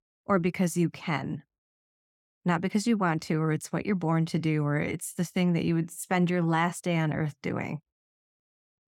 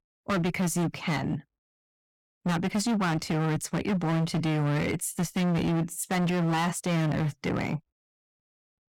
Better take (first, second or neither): first